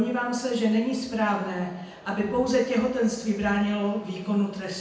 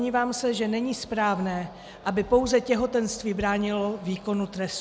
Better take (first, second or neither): second